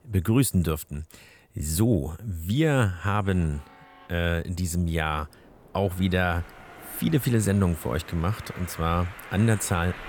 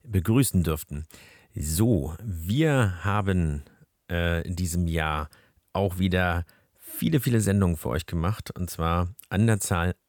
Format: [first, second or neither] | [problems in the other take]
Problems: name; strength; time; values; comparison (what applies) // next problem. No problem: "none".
second | train or aircraft noise; noticeable; throughout; 20 dB below the speech